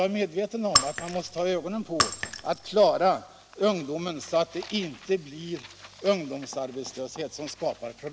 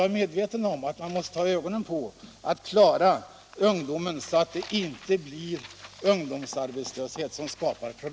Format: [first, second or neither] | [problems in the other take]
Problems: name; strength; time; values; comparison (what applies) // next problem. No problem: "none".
second | background sound (Shatter); 2 dB below the speech